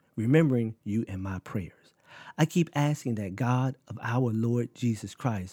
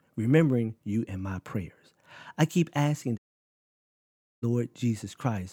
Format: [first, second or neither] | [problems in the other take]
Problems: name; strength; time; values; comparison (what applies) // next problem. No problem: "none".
first | audio cutting out; at 3 s for 1 s